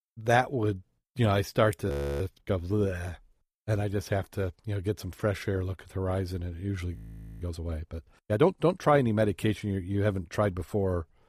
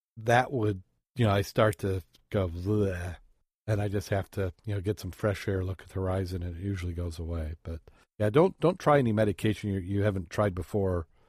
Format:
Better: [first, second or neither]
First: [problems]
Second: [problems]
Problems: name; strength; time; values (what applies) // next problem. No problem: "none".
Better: second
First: audio freezing; at 2 s and at 7 s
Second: none